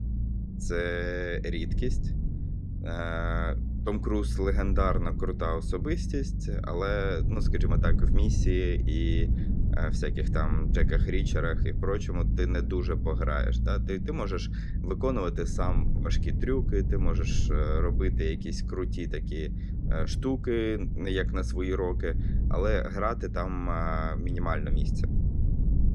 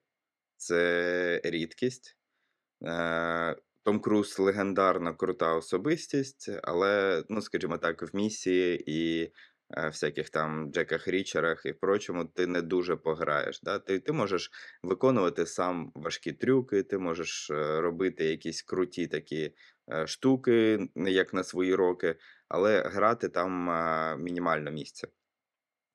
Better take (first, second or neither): second